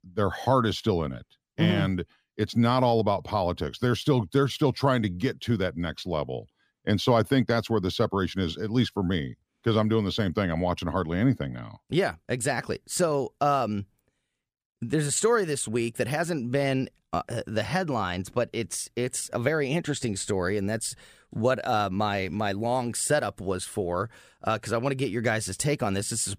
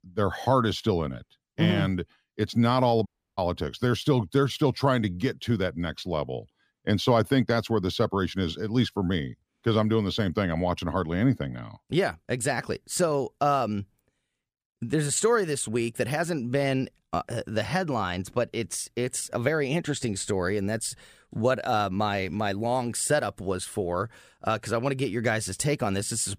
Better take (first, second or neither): first